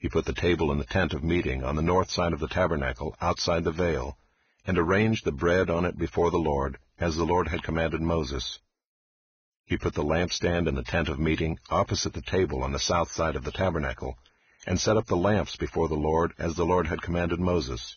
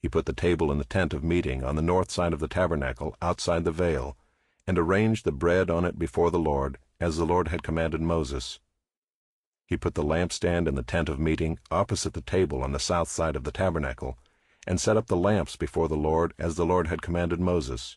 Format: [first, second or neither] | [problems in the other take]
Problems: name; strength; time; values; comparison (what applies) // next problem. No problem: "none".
second | garbled, watery; badly; nothing above 6.5 kHz; slightly in the second